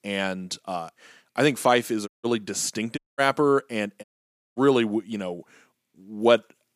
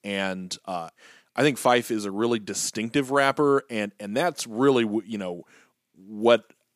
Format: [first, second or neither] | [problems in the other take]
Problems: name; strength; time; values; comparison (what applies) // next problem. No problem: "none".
second | audio cutting out; at 2 s, at 3 s and at 4 s for 0.5 s